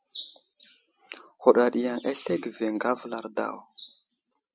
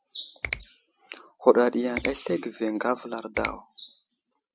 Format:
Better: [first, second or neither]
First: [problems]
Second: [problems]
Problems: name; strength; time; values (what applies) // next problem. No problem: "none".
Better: first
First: none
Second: background sound (Finger snapping); 12 dB below the speech